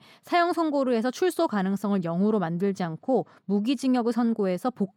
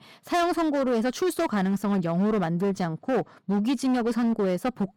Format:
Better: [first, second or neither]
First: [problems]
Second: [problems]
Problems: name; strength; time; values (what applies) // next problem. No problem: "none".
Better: first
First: none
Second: distortion; slight; 18% of the sound clipped